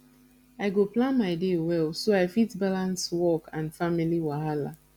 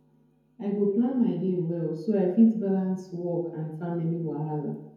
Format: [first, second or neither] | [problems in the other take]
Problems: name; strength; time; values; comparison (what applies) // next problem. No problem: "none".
first | room echo; dies away in 0.9 s